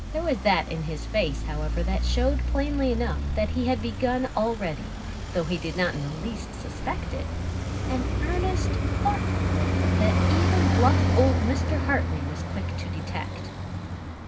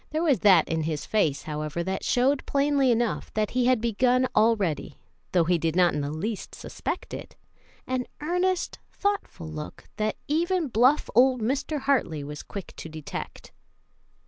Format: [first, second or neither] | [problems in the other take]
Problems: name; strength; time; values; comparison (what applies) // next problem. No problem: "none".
second | background sound (Traffic noise, roadway noise); 3 dB above the speech // room echo; dies away in 0.4 s